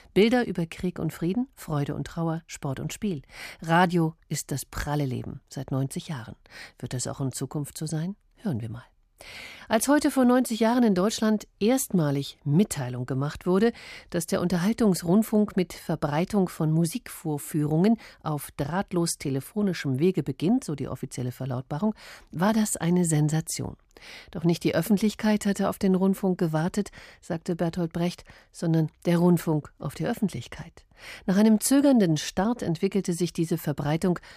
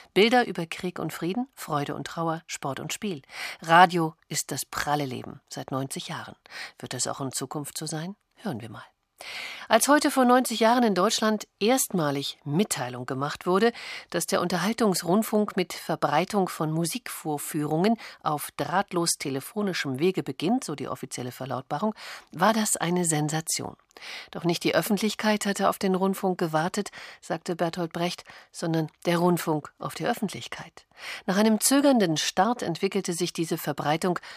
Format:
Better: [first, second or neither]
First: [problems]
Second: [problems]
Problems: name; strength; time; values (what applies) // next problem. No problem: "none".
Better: first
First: none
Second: thin; somewhat; fading below 400 Hz